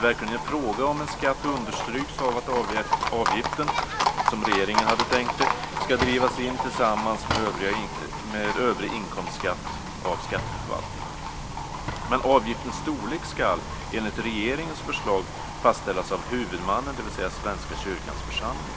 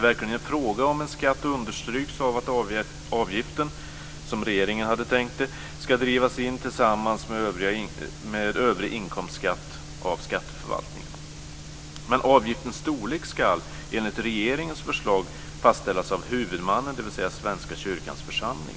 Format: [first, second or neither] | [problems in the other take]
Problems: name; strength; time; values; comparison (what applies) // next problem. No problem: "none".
second | background sound (Livestock, farm animals, working animals); 3 dB below the speech